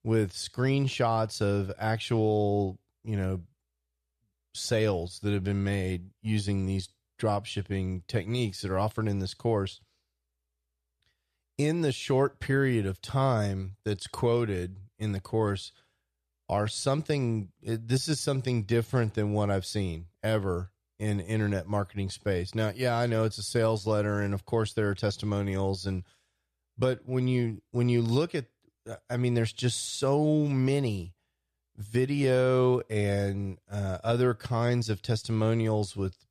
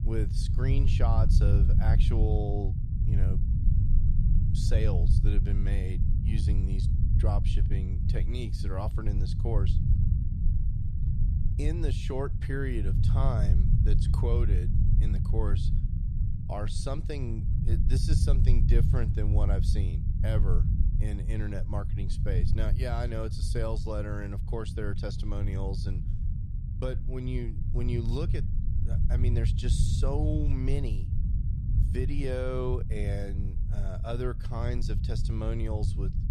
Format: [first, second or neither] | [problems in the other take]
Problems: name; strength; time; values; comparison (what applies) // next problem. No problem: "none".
first | low rumble; loud; throughout; 5 dB below the speech